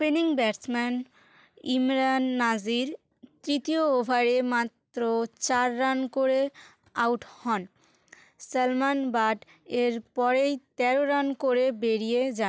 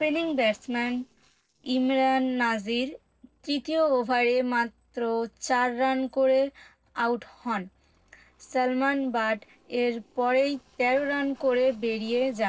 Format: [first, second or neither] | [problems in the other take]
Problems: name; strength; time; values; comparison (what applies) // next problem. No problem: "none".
first | noise reduction (neural separator model SepFormer DNS4)